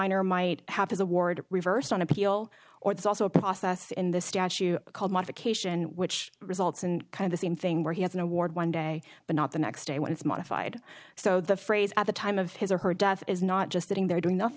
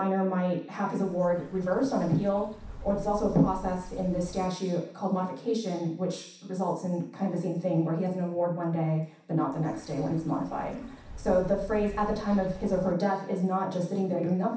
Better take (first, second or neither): first